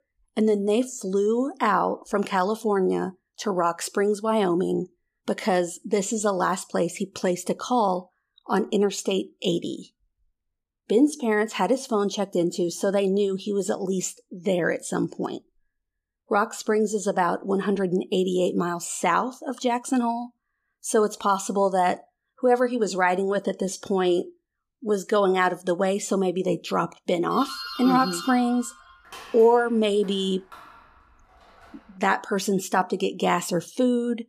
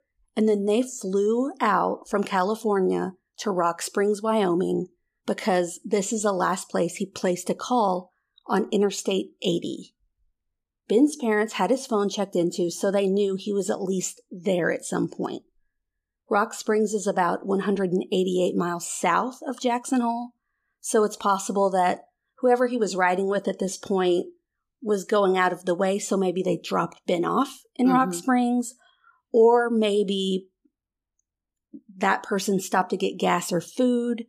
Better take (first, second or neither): second